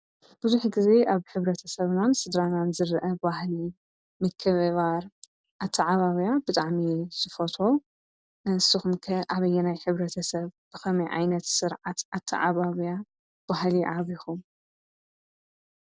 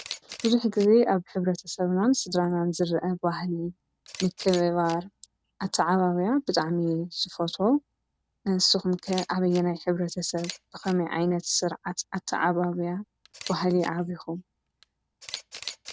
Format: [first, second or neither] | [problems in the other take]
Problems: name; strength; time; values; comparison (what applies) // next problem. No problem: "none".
first | background sound (Camera); 19 dB below the speech